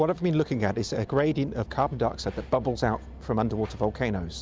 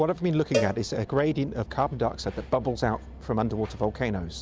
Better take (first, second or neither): first